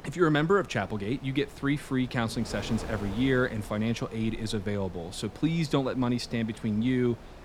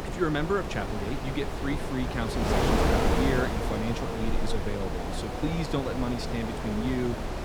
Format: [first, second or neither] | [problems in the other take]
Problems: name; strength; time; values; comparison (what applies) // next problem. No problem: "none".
first | wind noise on the microphone; heavy; 2 dB above the speech; occasional gusts in the first